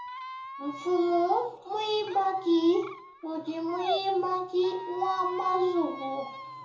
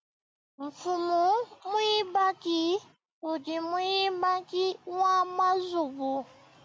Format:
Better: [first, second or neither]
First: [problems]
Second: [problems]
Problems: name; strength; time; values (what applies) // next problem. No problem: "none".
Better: second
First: background sound (Squeak); 12 dB below the speech // room echo; dies away in 0.6 s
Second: none